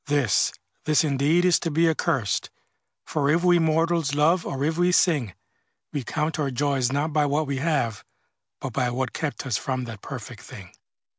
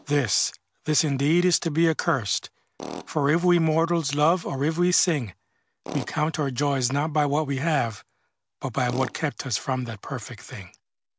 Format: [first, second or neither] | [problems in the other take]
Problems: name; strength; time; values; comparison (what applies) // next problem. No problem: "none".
first | background sound (Tools); 19 dB below the speech